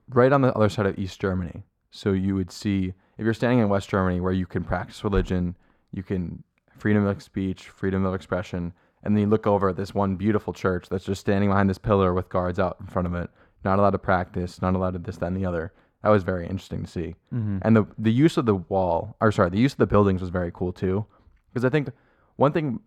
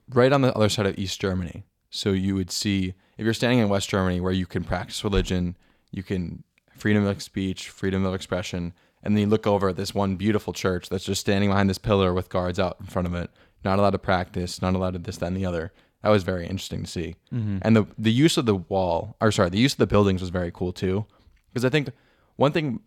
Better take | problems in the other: second | muffled; slightly; fading above 2 kHz

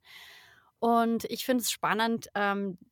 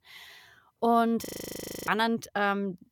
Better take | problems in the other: first | audio freezing; at 1.5 s for 0.5 s

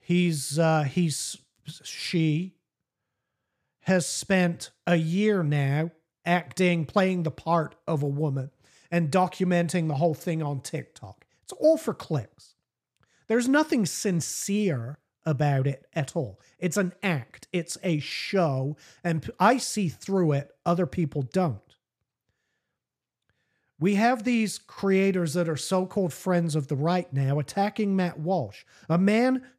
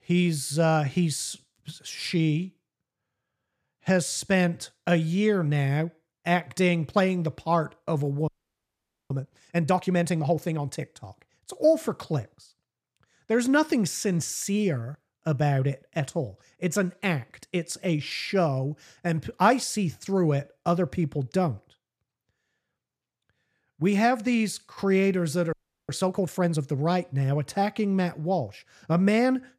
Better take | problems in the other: first | audio freezing; at 8.5 s for 1 s and at 26 s

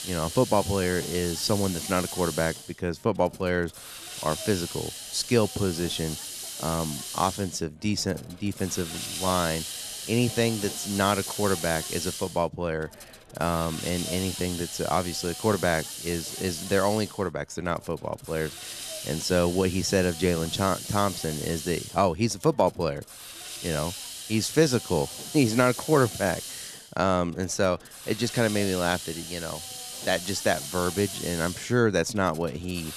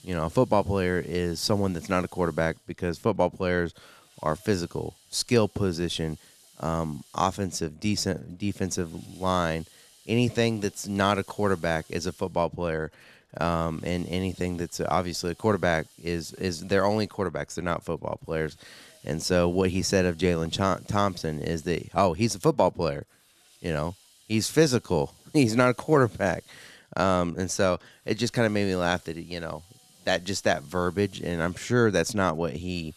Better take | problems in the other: second | hiss; loud; throughout; 7 dB below the speech; faint in the second

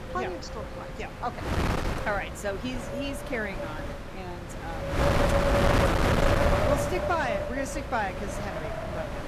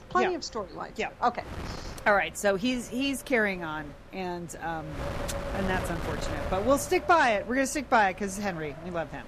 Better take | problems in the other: second | wind noise on the microphone; heavy; 4 dB above the speech; occasional gusts in the second

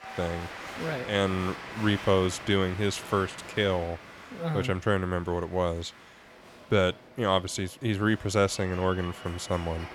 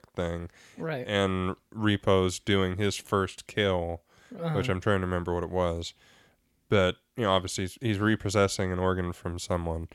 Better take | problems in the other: second | crowd noise; noticeable; throughout; 15 dB below the speech

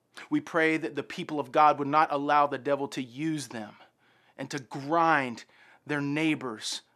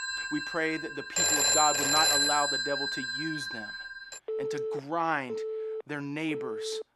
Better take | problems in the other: first | alarms or sirens; very loud; throughout; 5 dB above the speech

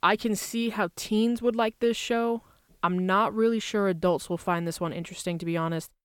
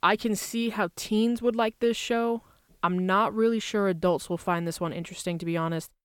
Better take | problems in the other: neither | none

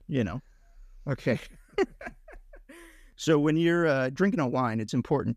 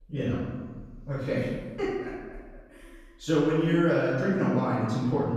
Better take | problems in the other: first | off-mic speech; far // room echo; strong; dies away in 1.3 s

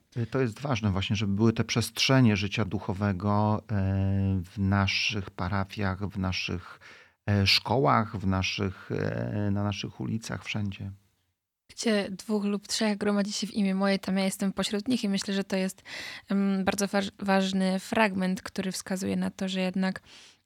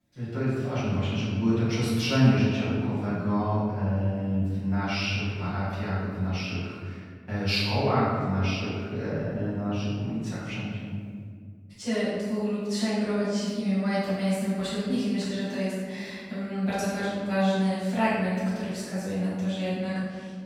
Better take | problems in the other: first | room echo; strong; dies away in 2 s // off-mic speech; far

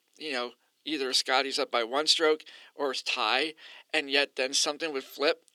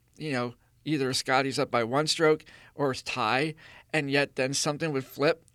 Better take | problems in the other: second | thin; somewhat; fading below 300 Hz

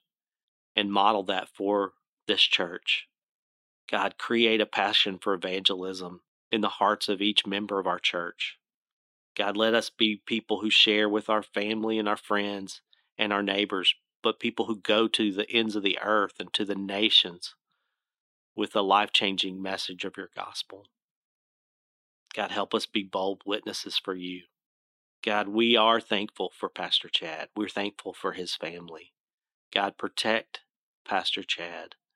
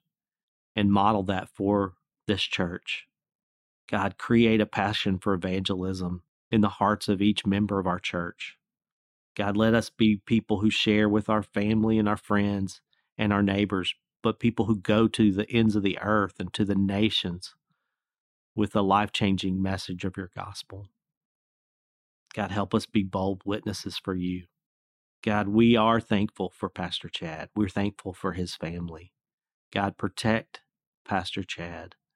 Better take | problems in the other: second | thin; somewhat; fading below 400 Hz

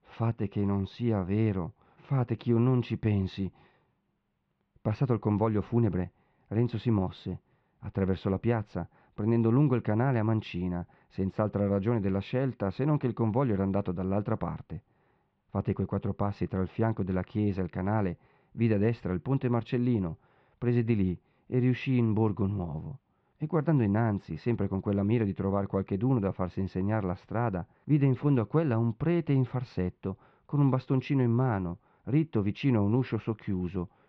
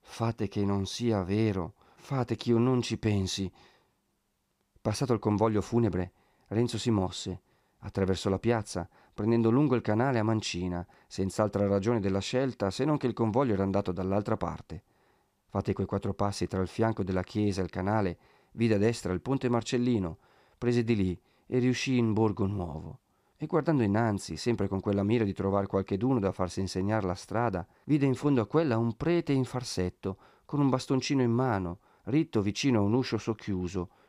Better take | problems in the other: second | muffled; very; fading above 3 kHz

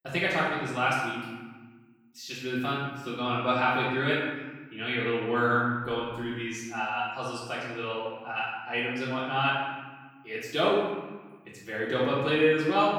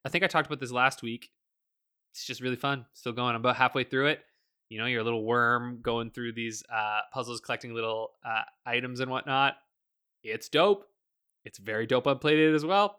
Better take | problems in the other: second | off-mic speech; far // room echo; noticeable; dies away in 1.2 s

